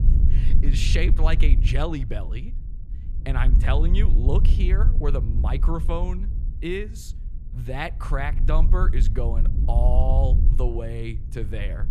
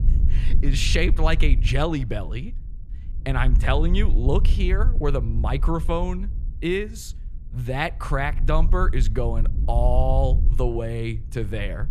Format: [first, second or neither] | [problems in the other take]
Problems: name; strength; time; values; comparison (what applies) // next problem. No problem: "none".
second | wind noise on the microphone; heavy; 10 dB below the speech; occasional gusts in the second